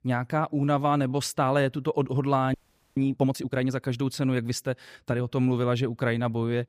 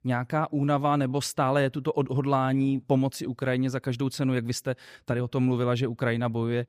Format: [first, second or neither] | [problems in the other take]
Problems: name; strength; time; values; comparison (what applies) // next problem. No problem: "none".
second | audio freezing; at 2.5 s